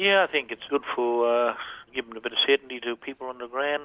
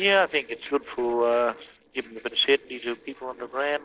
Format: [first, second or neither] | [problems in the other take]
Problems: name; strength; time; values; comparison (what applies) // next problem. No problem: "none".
first | noise reduction (neural separator model SepFormer DNS4)